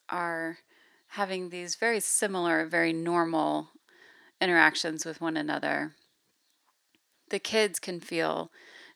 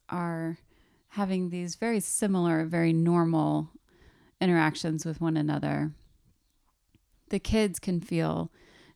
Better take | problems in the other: second | thin; very; fading below 450 Hz

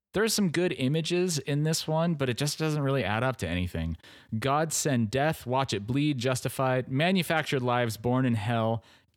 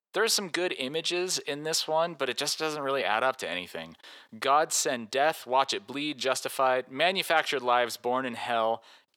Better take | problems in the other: first | thin; very; fading below 450 Hz

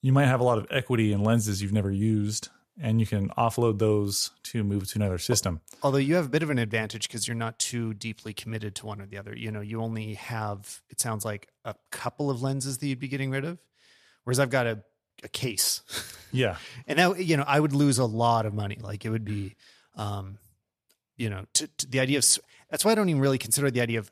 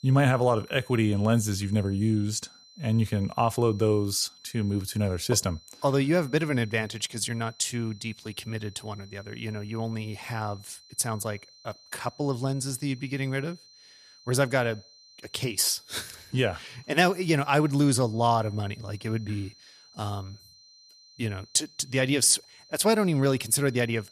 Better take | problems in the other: first | high-pitched whine; faint; throughout; 4 kHz, 25 dB below the speech

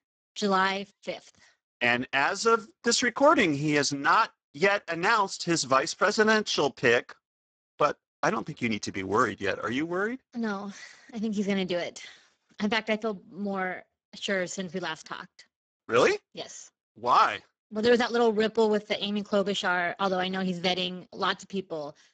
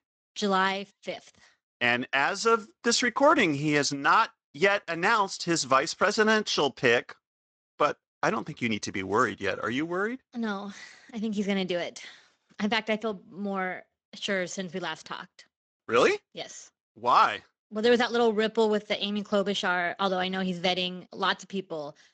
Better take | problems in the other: second | garbled, watery; badly; nothing above 8 kHz; slightly in the second

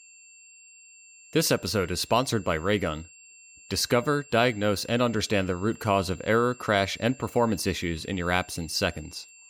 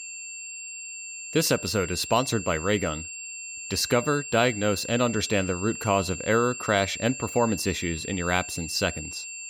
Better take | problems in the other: first | high-pitched whine; loud; throughout; 2.5 kHz, 9 dB below the speech; faint in the first

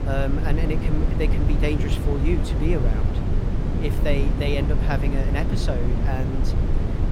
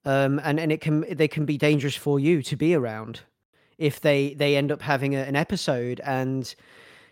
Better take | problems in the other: second | low rumble; loud; throughout; 3 dB below the speech

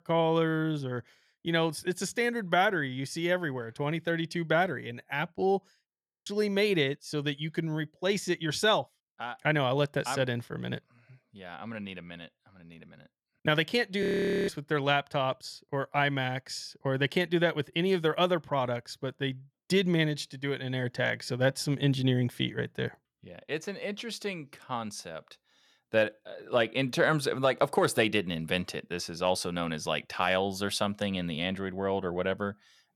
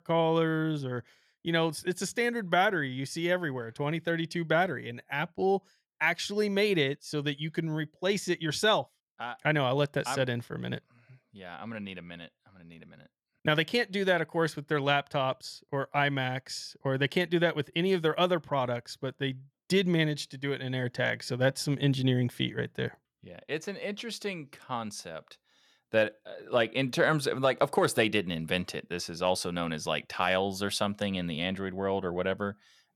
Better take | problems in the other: second | audio freezing; at 6 s and at 14 s

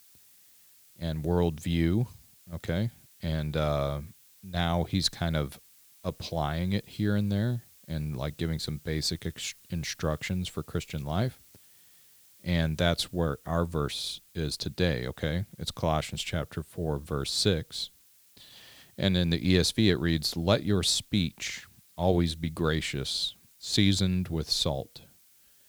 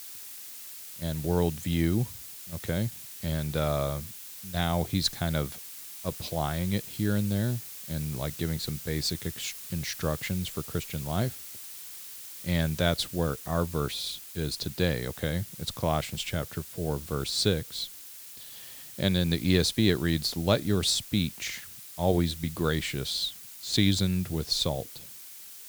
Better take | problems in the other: first | hiss; loud; throughout; 10 dB below the speech; faint in the first

